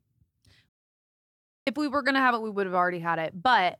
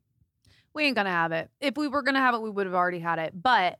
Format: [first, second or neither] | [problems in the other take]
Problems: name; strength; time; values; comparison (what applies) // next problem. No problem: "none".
second | audio cutting out; at 0.5 s for 1 s